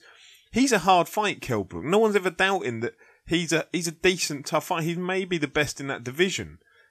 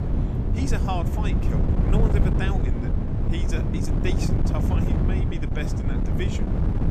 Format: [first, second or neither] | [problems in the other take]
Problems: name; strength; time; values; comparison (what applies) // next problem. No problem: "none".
first | wind noise on the microphone; heavy; 1 dB above the speech